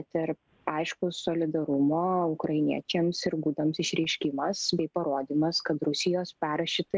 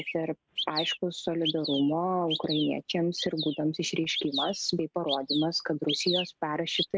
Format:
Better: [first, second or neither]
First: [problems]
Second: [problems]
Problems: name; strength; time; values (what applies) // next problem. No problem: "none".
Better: first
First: none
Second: noise reduction (neural mask model RNNoise)